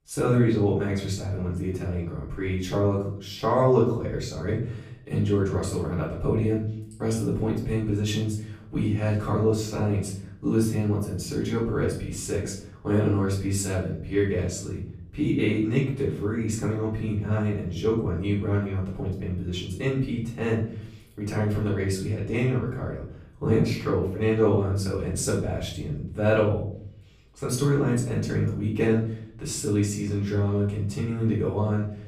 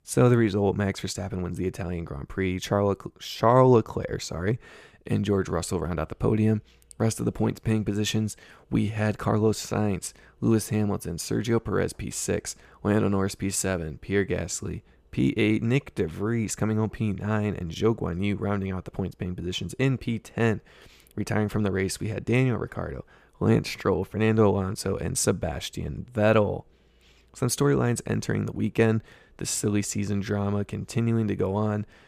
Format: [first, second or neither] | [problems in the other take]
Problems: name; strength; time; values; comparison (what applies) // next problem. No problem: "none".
second | room echo; noticeable; dies away in 0.6 s // off-mic speech; far